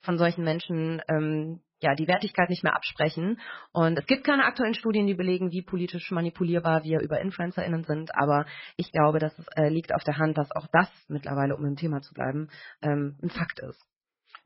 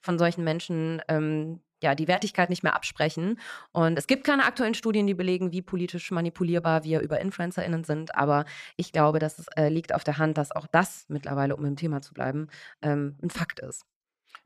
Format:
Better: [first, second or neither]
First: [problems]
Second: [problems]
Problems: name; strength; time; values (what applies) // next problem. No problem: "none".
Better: second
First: garbled, watery; badly; nothing above 5.5 kHz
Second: none